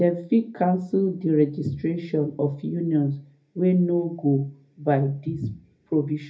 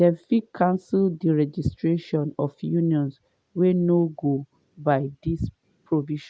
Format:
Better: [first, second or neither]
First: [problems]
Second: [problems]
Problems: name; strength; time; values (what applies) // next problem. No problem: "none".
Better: second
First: room echo; dies away in 0.3 s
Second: none